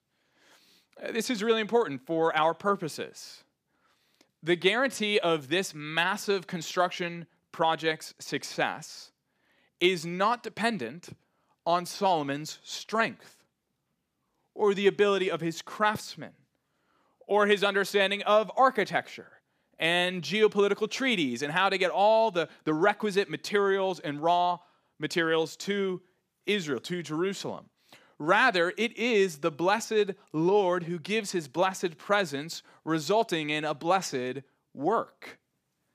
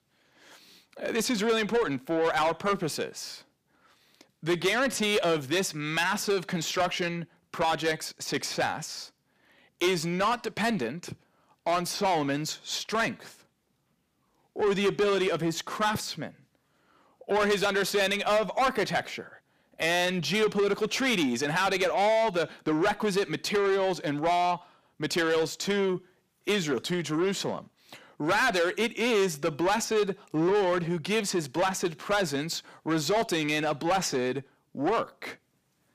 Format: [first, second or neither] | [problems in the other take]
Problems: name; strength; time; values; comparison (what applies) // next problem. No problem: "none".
first | distortion; heavy; 7 dB below the speech